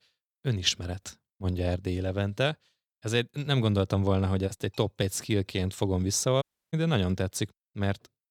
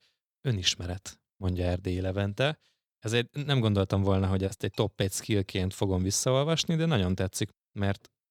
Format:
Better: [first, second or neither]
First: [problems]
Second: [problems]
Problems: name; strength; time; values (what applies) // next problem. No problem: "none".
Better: second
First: audio cutting out; at 6.5 s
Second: none